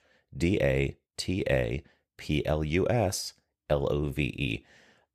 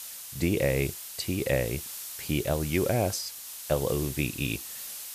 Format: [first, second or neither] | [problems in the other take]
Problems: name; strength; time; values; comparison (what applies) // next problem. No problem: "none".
first | hiss; loud; throughout; 8 dB below the speech